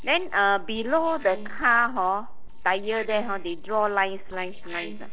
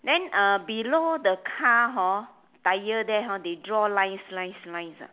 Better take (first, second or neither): second